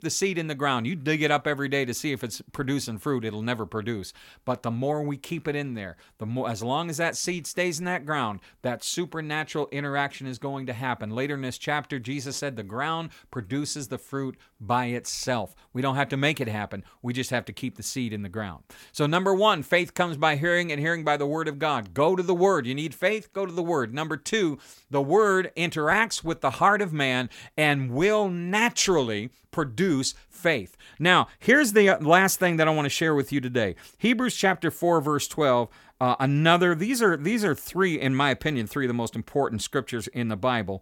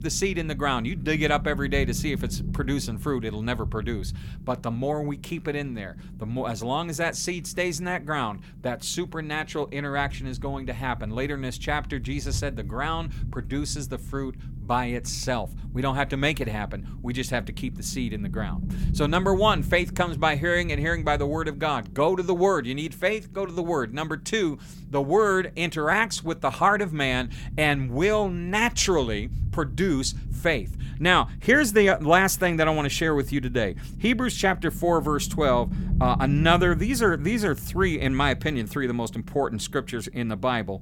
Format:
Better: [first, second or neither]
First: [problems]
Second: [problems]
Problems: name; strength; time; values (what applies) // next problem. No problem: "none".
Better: first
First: none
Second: low rumble; faint; throughout; 20 dB below the speech